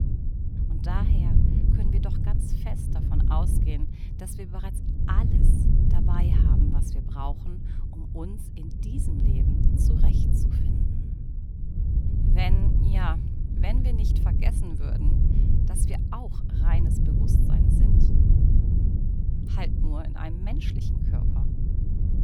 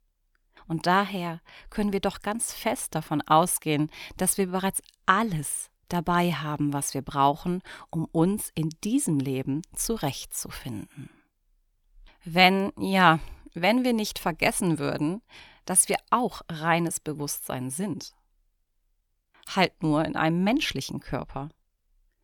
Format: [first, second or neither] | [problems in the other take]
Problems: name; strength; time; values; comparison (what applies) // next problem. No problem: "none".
second | wind noise on the microphone; heavy; 1 dB above the speech